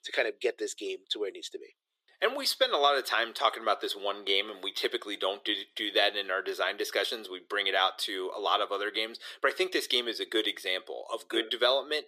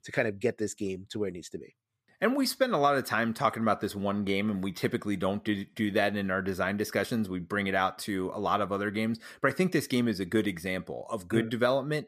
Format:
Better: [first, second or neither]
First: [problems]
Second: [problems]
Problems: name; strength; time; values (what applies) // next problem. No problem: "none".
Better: second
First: thin; very; fading below 350 Hz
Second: none